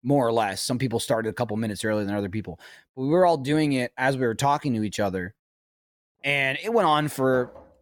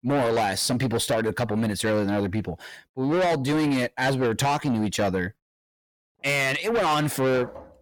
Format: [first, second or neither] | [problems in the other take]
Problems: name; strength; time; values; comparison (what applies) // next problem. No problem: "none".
first | distortion; heavy; 7 dB below the speech